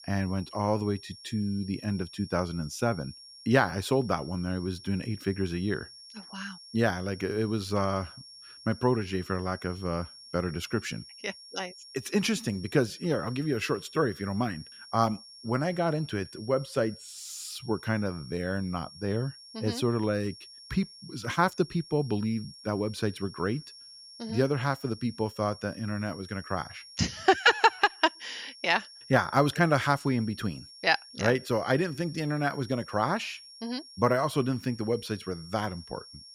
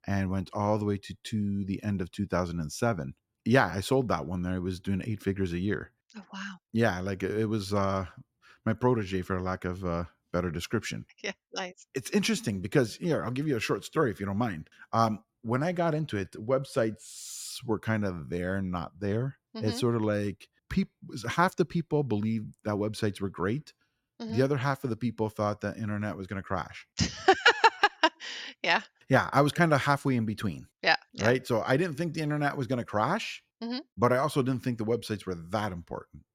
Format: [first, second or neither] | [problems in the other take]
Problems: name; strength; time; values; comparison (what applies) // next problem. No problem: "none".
second | high-pitched whine; noticeable; throughout; 5.5 kHz, 15 dB below the speech